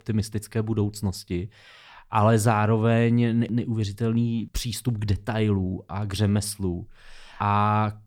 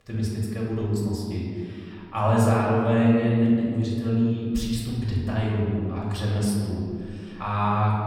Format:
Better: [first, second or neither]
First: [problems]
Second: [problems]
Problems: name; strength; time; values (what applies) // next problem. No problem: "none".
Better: first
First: none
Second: off-mic speech; far // room echo; noticeable; dies away in 2 s